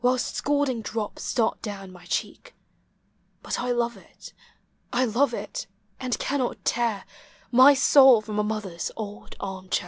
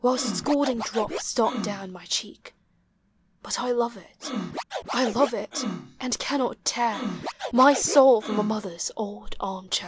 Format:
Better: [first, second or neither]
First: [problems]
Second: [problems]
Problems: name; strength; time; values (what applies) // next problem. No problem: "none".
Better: first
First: none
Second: background sound (Scratching (performance technique)); 9 dB below the speech